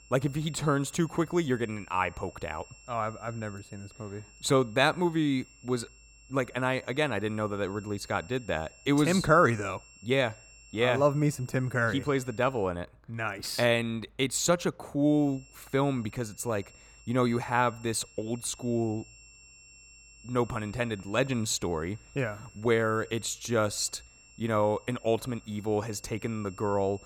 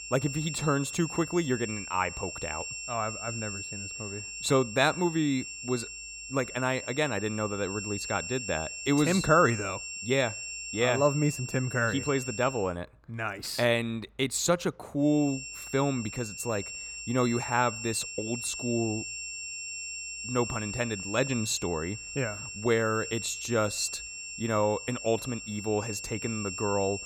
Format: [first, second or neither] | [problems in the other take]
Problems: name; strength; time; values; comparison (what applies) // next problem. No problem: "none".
first | high-pitched whine; loud; until 13 s and from 15 s on; 2.5 kHz, 7 dB below the speech; faint in the first